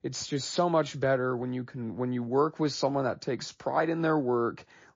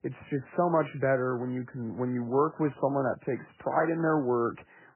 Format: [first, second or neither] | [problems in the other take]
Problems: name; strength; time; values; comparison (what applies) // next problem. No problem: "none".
first | garbled, watery; badly; nothing above 3 kHz; slightly in the first